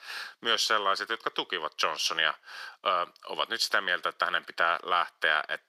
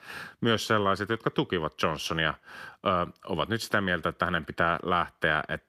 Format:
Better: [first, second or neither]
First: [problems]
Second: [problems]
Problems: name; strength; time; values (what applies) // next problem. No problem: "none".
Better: second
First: thin; very; fading below 650 Hz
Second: none